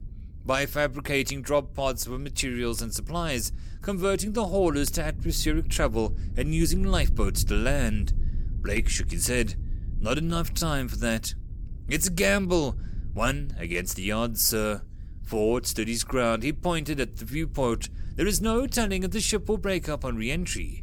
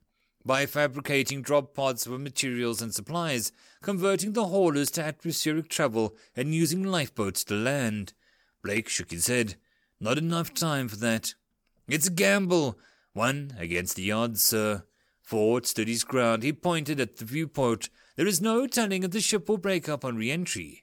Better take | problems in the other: second | low rumble; faint; throughout; 25 dB below the speech

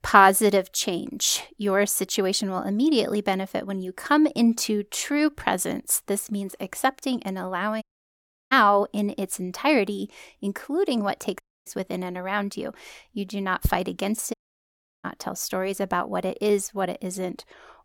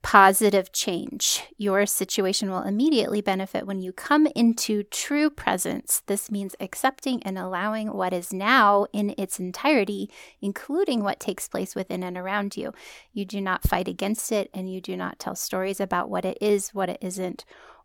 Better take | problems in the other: second | audio cutting out; at 8 s for 0.5 s, at 11 s and at 14 s for 0.5 s

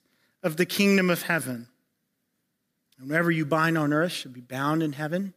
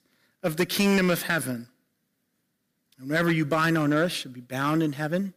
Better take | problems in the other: first | distortion; slight; 4% of the sound clipped

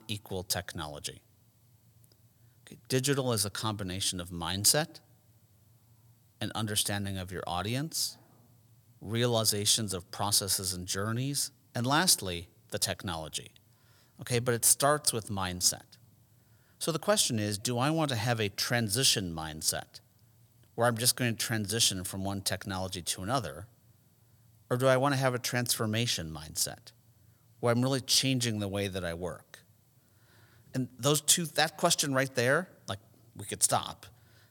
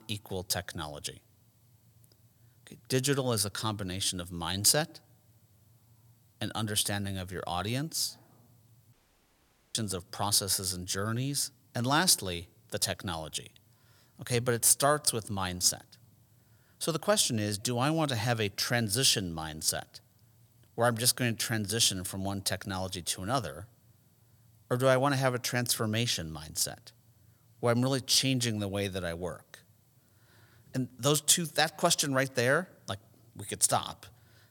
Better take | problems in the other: first | audio cutting out; at 9 s for 1 s

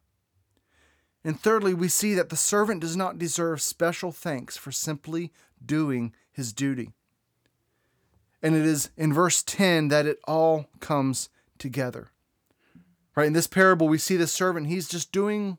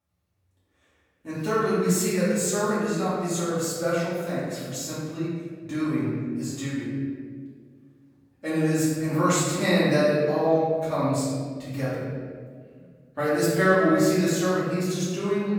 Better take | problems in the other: first | off-mic speech; far // room echo; strong; dies away in 1.7 s

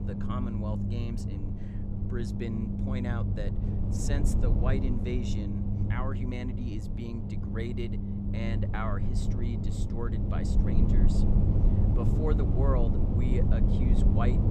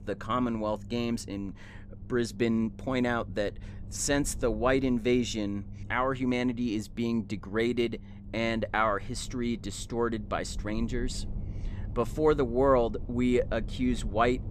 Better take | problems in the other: second | low rumble; loud; throughout; as loud as the speech; faint in the second

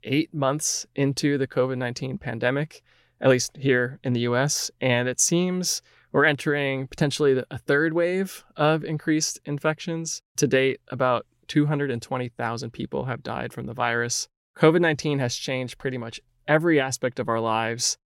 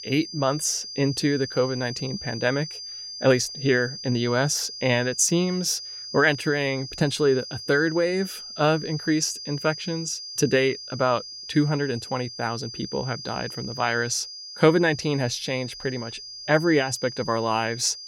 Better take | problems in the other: first | high-pitched whine; noticeable; throughout; 5 kHz, 10 dB below the speech

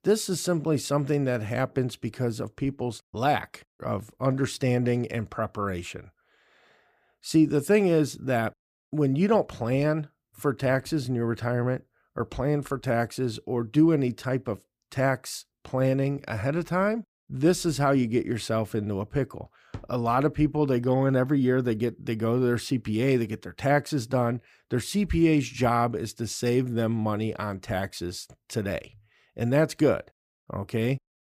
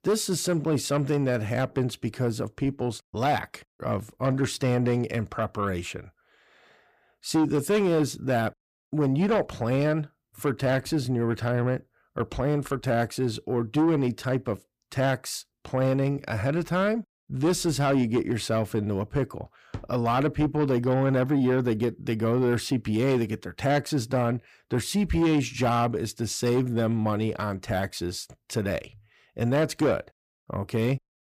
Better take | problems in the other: first | distortion; slight; 10 dB below the speech

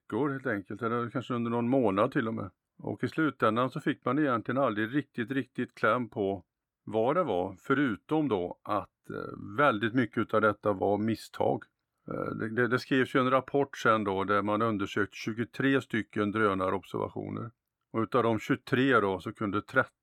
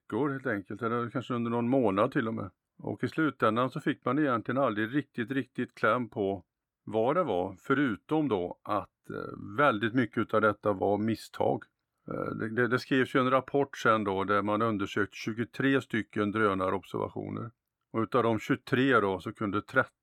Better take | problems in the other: neither | muffled; very slightly; fading above 2 kHz; the same in both

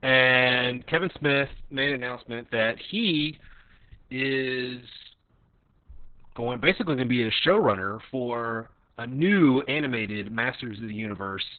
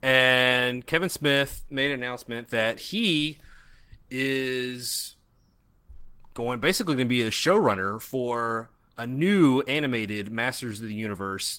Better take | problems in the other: second | garbled, watery; badly; nothing above 4 kHz; slightly in the second

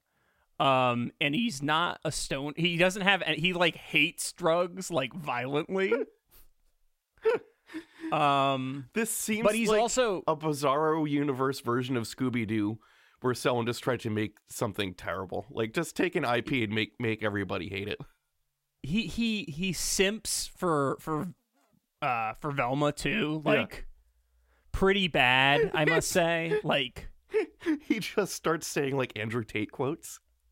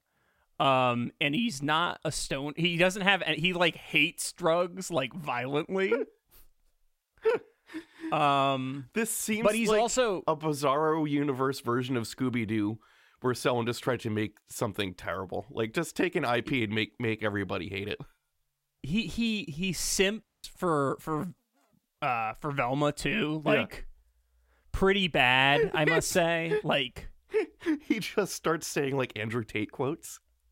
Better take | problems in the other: first | audio cutting out; at 20 s

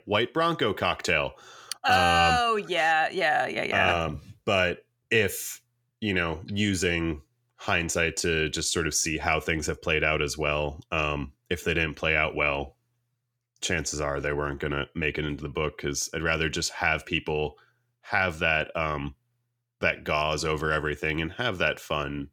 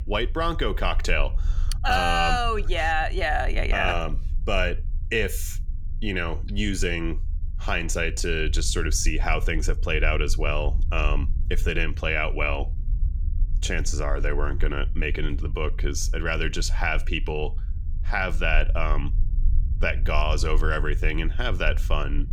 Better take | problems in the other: first | low rumble; faint; throughout; 25 dB below the speech

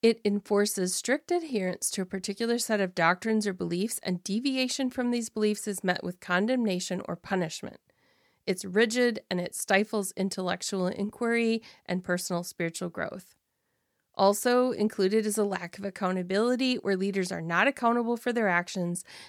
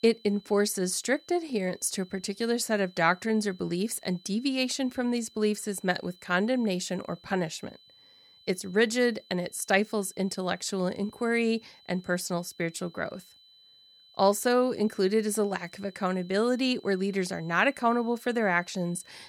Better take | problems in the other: first | high-pitched whine; faint; throughout; 4 kHz, 25 dB below the speech

